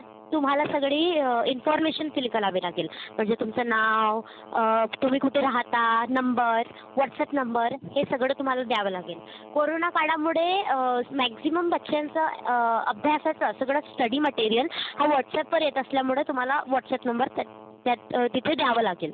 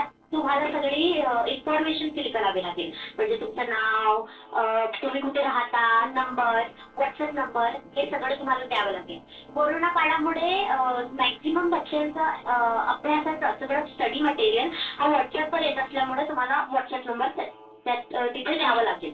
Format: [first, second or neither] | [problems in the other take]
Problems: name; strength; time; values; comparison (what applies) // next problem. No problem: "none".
first | noise reduction (neural separator model SepFormer DNS4)